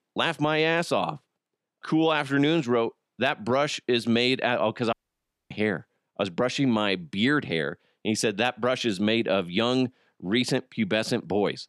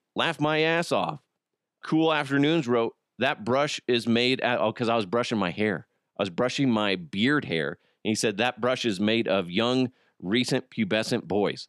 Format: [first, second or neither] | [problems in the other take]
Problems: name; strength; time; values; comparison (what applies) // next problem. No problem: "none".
second | audio cutting out; at 5 s for 0.5 s